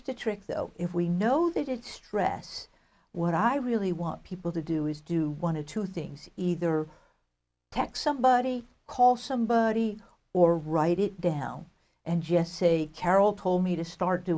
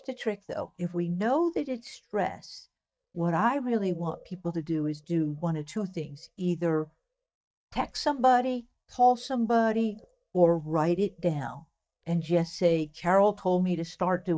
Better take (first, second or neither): first